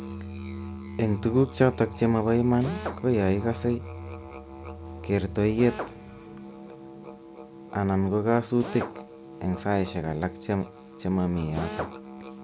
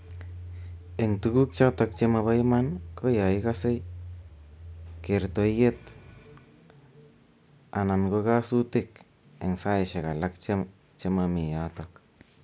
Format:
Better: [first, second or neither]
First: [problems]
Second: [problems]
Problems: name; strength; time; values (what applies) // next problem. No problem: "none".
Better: second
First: background sound (Drill + Musical instrument); 13 dB below the speech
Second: none